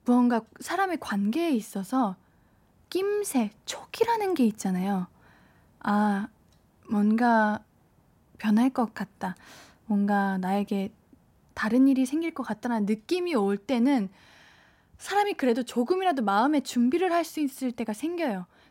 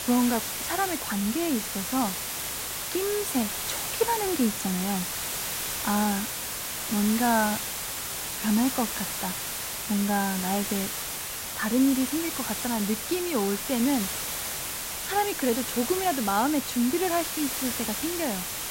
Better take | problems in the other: first | hiss; loud; throughout; 2 dB below the speech

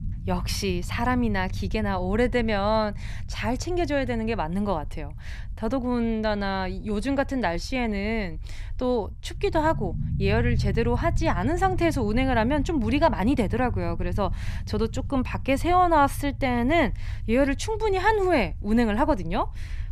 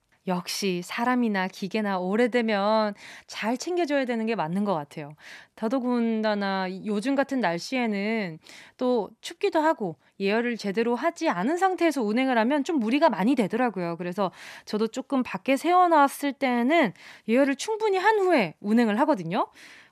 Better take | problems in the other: second | low rumble; faint; throughout; 20 dB below the speech

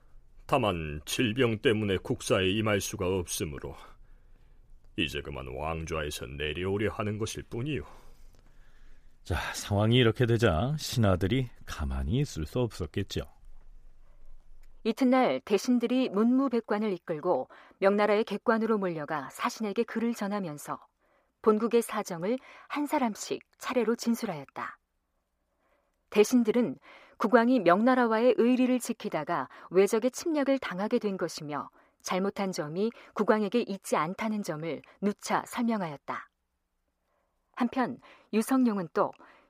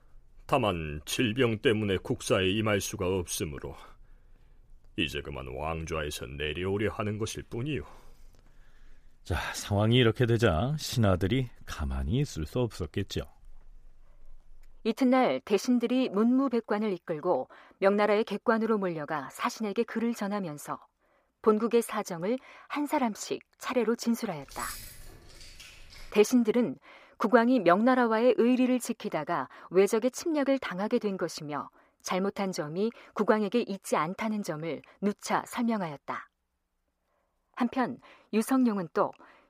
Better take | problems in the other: first | jangling keys; faint; from 24 to 26 s; peak 10 dB below the speech

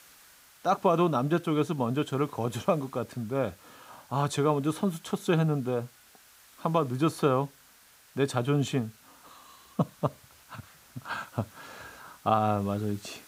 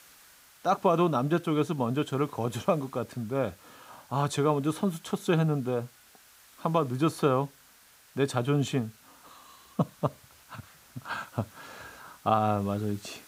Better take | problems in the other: neither | hiss; faint; throughout; 25 dB below the speech; the same in both

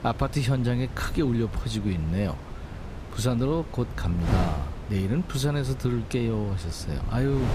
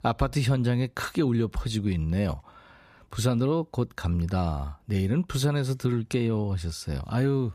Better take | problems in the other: second | wind noise on the microphone; heavy; 10 dB below the speech

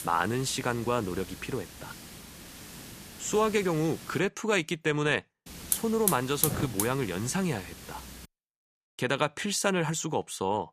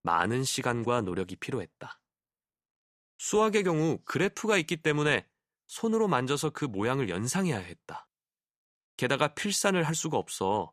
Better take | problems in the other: second | hiss; loud; until 4 s and from 5.5 to 8.5 s; 7 dB below the speech

